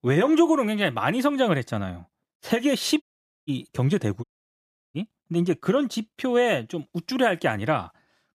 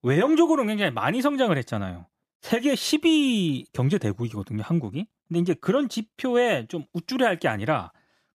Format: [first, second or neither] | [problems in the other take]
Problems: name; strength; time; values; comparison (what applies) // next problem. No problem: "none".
second | audio cutting out; at 3 s and at 4 s for 0.5 s